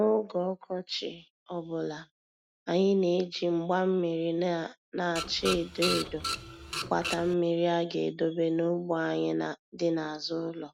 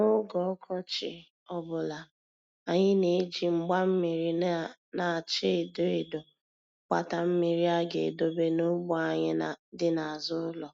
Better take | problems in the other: second | background sound (Printer); 5 dB below the speech

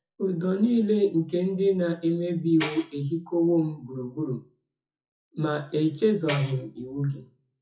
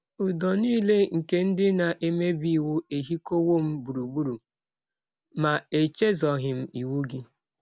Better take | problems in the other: second | noise reduction (classical method WPE with log-MMSE)

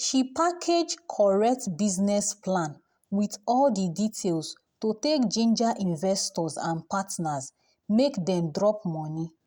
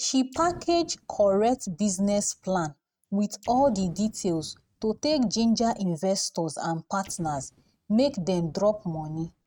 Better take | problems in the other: first | noise reduction (neural mask model RNNoise)

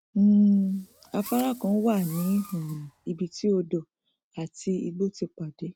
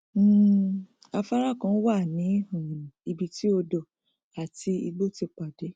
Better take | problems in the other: second | background sound (Fireworks); 20 dB below the speech

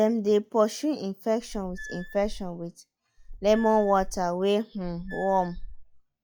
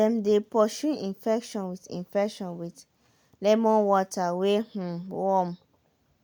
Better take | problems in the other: second | noise reduction (classical method log-MMSE)

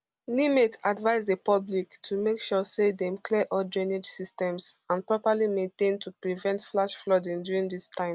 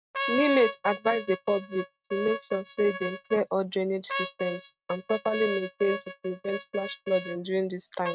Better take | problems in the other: first | noise reduction (neural mask model RNNoise)

